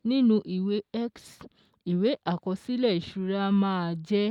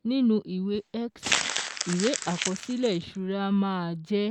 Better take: first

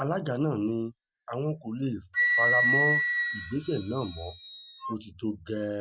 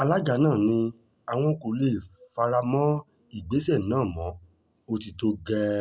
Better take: second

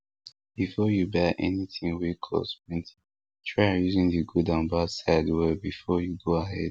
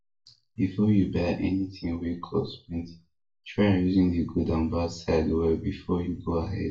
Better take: first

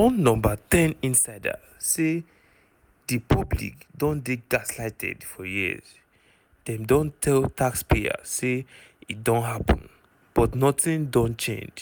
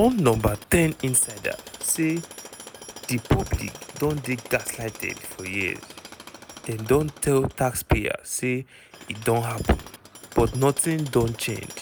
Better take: first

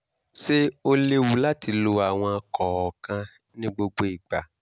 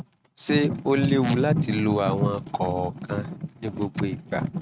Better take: first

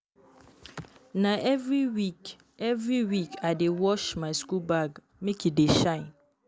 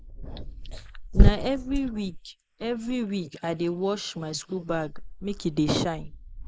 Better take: first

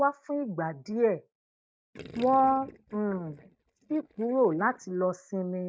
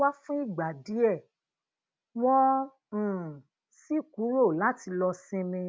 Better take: second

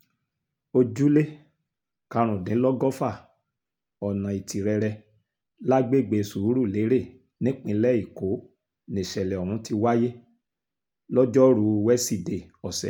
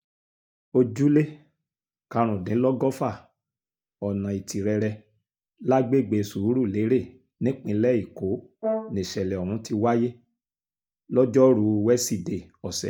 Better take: first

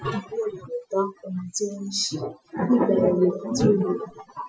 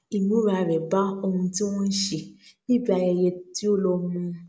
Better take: second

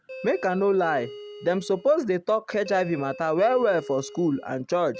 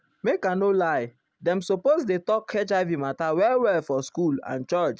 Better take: second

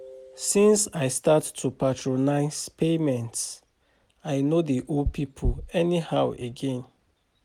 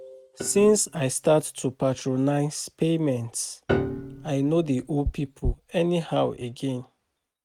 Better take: first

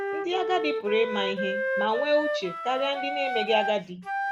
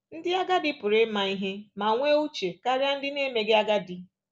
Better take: second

